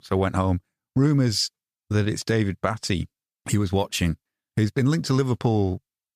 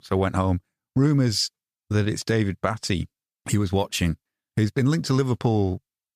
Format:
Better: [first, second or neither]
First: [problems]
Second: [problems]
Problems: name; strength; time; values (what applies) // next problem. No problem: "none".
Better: neither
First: none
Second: none